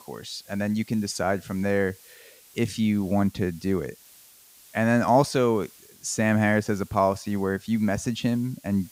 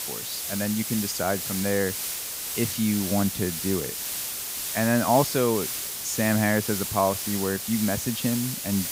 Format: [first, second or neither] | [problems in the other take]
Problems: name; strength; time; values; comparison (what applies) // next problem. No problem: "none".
first | hiss; loud; throughout; 3 dB below the speech; faint in the first